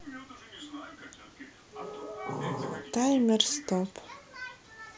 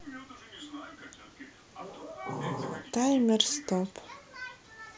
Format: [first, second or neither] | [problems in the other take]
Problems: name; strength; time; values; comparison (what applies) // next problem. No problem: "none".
second | background sound (Wind instrument, woodwind instrument); 16 dB below the speech